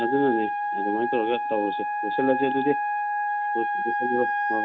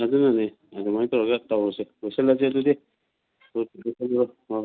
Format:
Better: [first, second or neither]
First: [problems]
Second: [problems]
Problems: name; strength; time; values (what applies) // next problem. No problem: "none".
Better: second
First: background sound (Wind instrument, woodwind instrument); 1 dB above the speech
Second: none